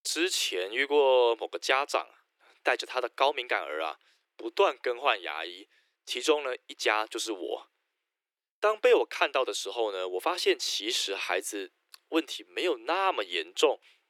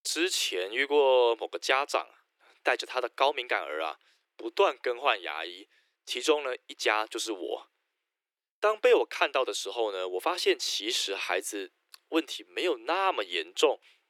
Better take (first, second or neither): neither